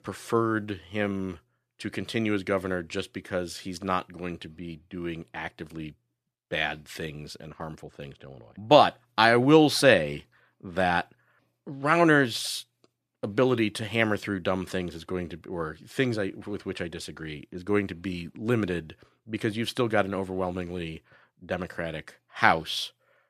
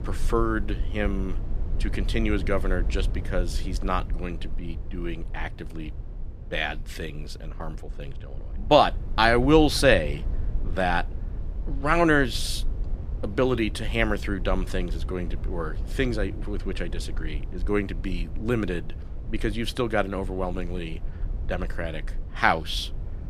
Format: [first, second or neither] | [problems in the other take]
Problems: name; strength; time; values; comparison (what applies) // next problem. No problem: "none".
first | low rumble; faint; throughout; 25 dB below the speech